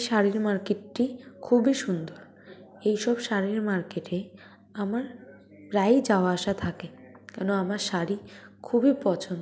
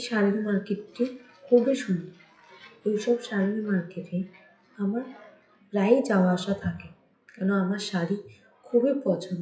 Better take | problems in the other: first | noise reduction (classical method WPE with log-MMSE)

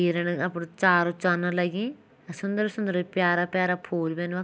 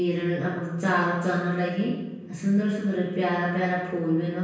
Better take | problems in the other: first | room echo; dies away in 1 s

